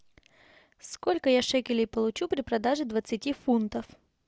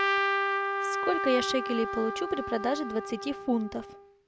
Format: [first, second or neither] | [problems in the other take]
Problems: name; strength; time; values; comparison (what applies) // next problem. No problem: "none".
first | background sound (Trumpet); as loud as the speech